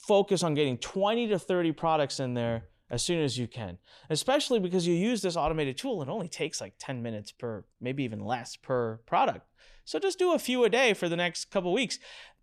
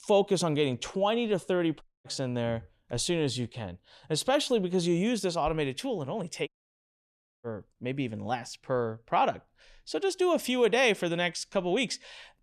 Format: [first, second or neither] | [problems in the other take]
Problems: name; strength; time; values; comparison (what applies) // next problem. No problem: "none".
first | audio cutting out; at 2 s and at 6.5 s for 1 s